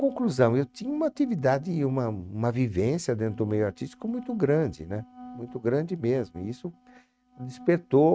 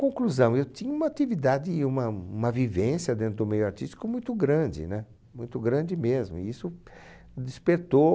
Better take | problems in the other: second | noise reduction (neural mask model RNNoise)

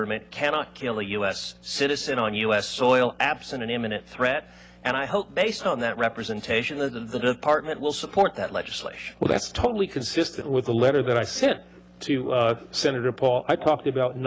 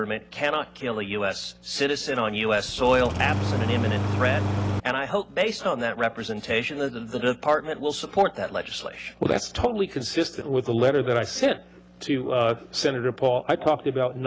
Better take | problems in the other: first | background sound (Engine starting); 2 dB below the speech

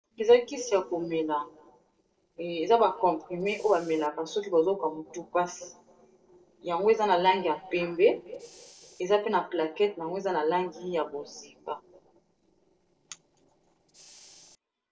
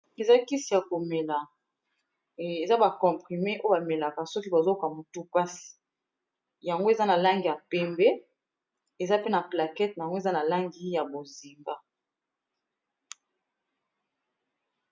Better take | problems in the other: second | noise reduction (neural separator model SepFormer DNS4)

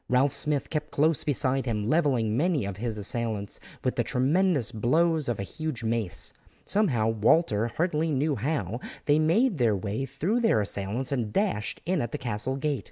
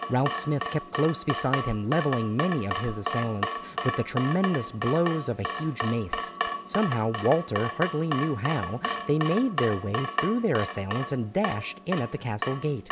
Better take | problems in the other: first | background sound (Drip / Water tap, faucet); 5 dB below the speech

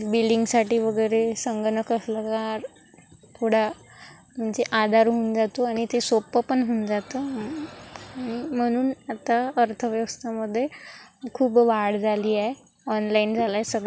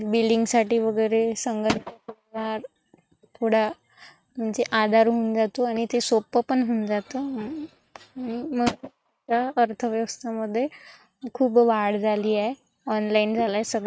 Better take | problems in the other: first | noise reduction (neural mask model RNNoise)

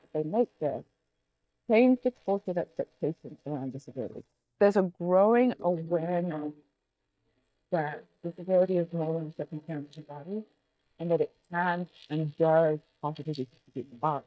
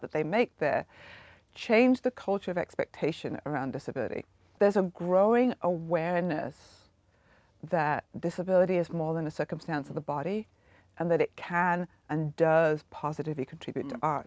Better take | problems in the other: second | noise reduction (neural mask model DeepFilterNet 3)

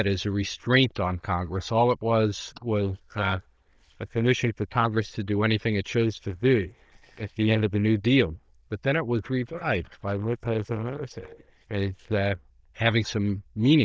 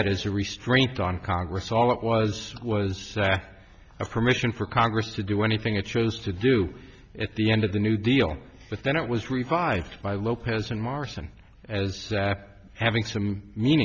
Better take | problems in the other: second | noise reduction (neural diffusion model UNIVERSE++)

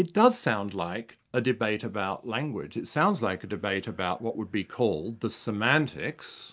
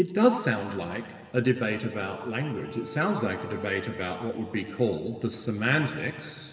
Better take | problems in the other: first | background sound (Wind instrument, woodwind instrument); 17 dB below the speech // room echo; dies away in 2.1 s

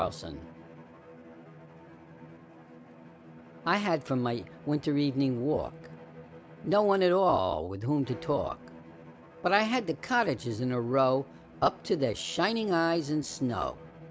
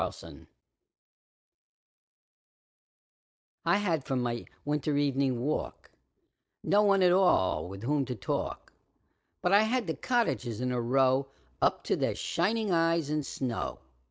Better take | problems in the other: second | background sound (Bowed string instrument); 19 dB below the speech

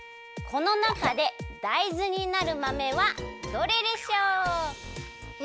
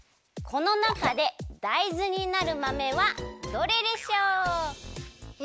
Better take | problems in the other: second | background sound (Bowed string instrument); 19 dB below the speech

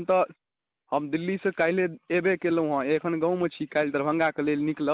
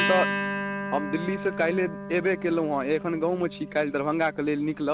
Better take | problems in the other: first | background sound (Acoustic guitar); 6 dB below the speech

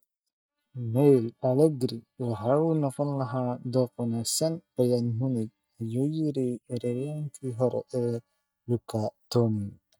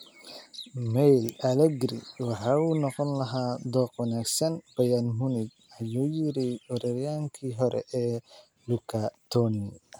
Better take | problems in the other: second | noise reduction (neural mask model DeepFilterNet 3)

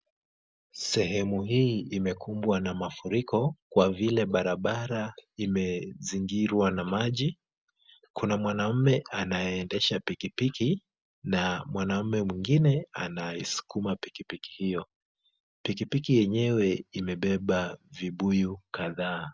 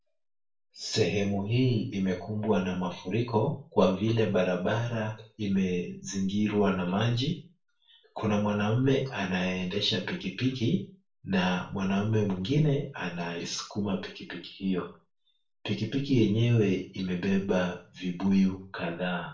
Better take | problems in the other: first | room echo; dies away in 0.3 s

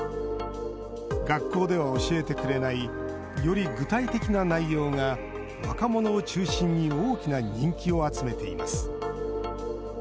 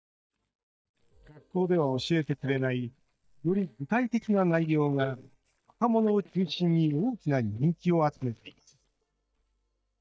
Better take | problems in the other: first | noise reduction (neural mask model DeepFilterNet 3)

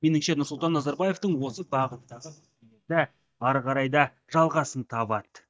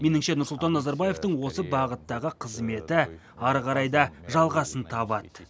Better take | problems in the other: second | noise reduction (neural mask model DeepFilterNet 3)

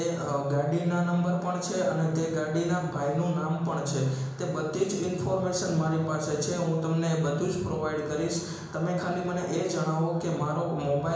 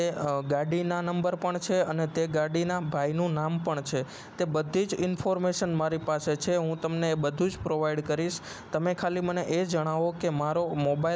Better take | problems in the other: second | room echo; dies away in 1 s

